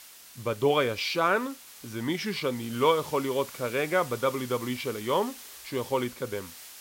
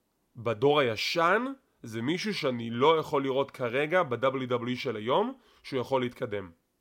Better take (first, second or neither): second